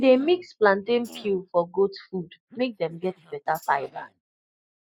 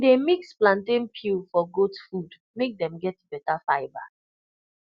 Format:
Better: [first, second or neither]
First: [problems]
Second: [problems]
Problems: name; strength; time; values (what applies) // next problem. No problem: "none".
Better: second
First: noise reduction (neural mask model Resemble Enhance denoiser)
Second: none